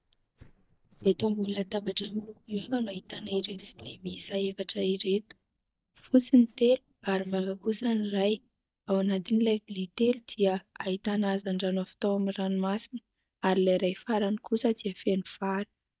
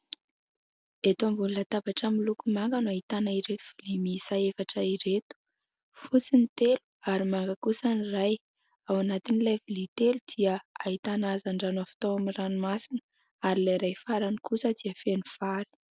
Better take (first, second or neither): second